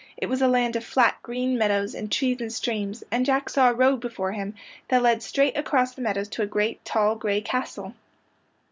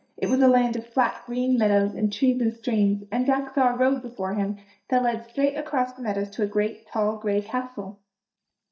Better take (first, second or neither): first